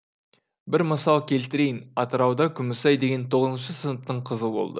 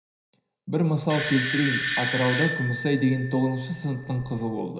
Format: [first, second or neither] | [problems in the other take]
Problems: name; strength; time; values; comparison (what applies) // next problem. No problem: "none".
first | background sound (Bell / Doorbell); 5 dB below the speech // room echo; dies away in 0.9 s